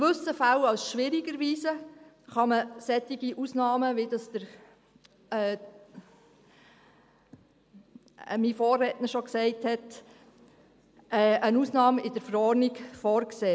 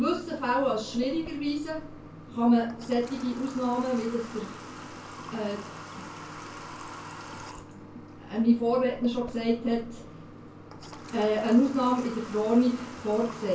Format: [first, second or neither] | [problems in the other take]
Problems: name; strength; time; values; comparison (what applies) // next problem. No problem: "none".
first | background sound (Water tap, faucet / Water); 14 dB below the speech // room echo; dies away in 0.2 s